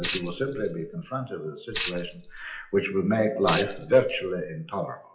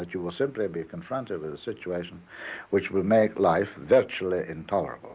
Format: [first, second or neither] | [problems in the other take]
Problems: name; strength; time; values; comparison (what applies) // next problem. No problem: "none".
second | noise reduction (classical method WPE with log-MMSE)